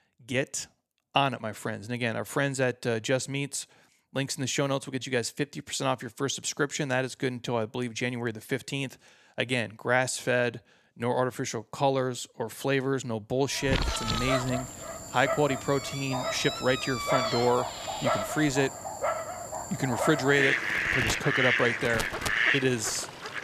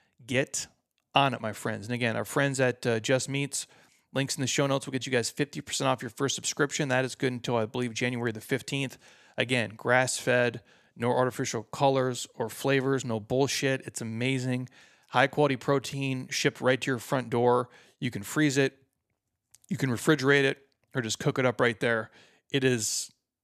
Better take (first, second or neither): second